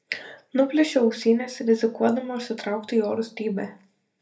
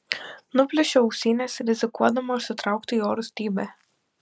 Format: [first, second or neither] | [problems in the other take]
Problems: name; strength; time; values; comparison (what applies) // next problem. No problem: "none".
second | room echo; dies away in 0.3 s